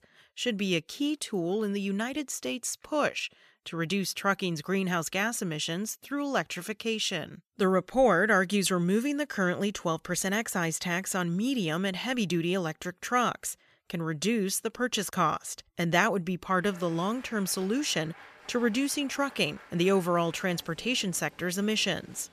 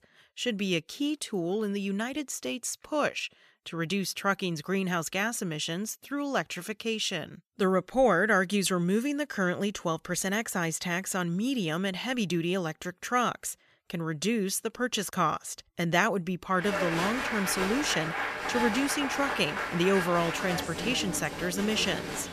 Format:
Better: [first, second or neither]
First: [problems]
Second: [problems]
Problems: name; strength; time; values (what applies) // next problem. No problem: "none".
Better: first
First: crowd noise; faint; from 17 s on; 20 dB below the speech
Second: crowd noise; loud; from 17 s on; 3 dB below the speech